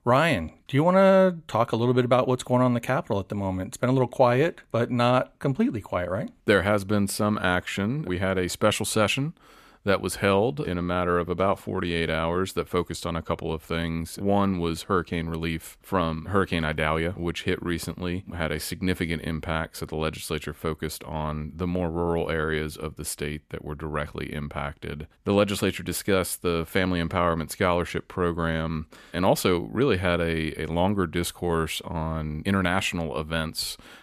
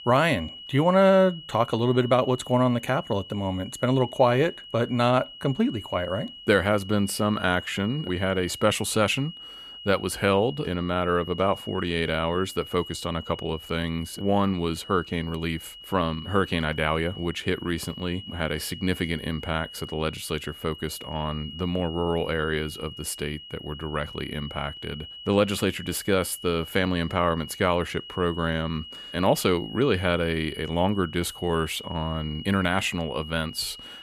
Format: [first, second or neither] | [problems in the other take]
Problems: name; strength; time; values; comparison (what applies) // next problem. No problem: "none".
first | high-pitched whine; noticeable; throughout; 3 kHz, 15 dB below the speech